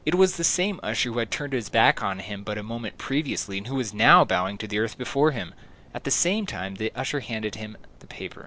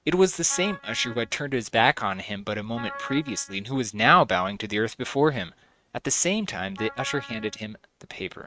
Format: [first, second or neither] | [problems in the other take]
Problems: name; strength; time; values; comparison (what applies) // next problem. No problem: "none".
first | noise reduction (neural mask model RNNoise)